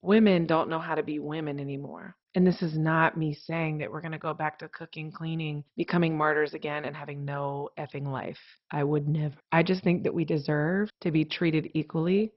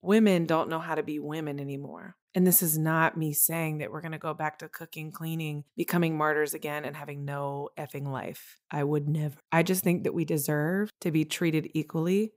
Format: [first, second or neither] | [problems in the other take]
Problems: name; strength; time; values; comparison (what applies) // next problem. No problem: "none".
second | garbled, watery; badly; nothing above 5.5 kHz